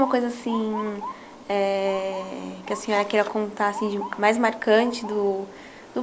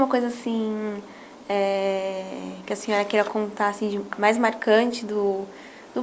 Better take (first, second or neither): second